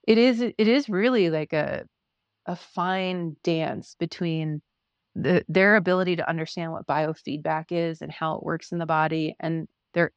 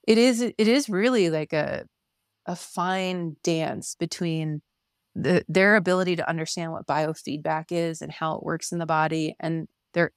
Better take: second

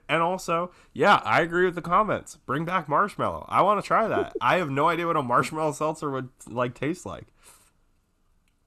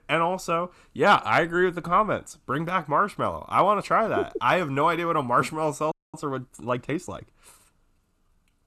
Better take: first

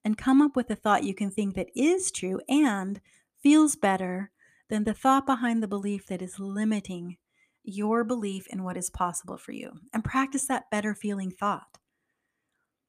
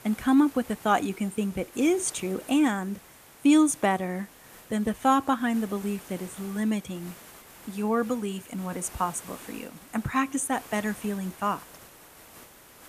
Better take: first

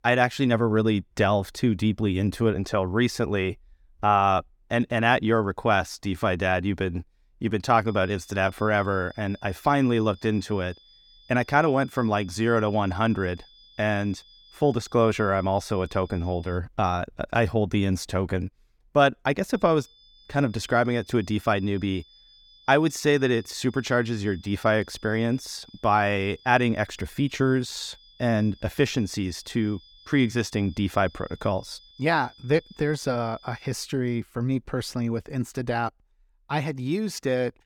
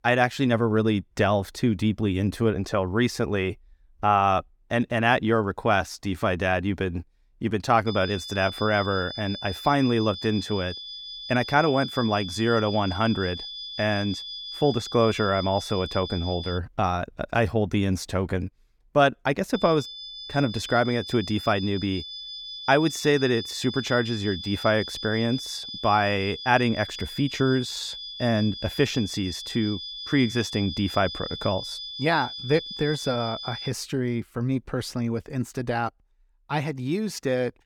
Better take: first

